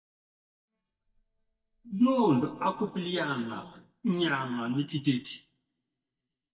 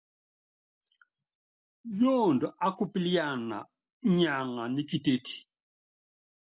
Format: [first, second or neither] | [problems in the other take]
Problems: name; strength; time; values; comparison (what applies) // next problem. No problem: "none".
second | noise reduction (neural mask model DeepFilterNet 3)